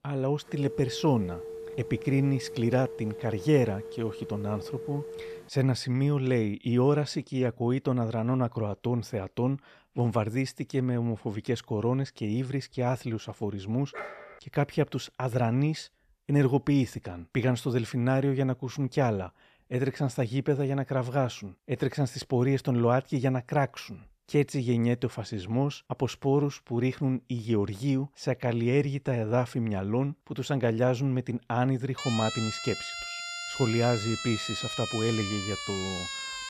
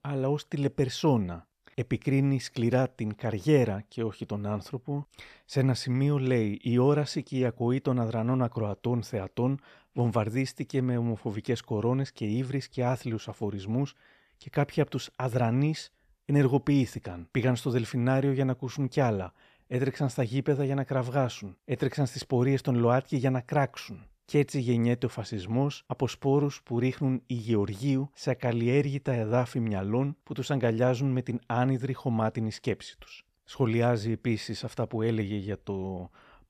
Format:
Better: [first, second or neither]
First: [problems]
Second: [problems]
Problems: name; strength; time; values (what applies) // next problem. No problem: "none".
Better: second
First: phone ringing; faint; until 5.5 s; peak 10 dB below the speech // dog barking; faint; at 14 s; peak 10 dB below the speech // siren; noticeable; from 32 s on; peak 4 dB below the speech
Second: none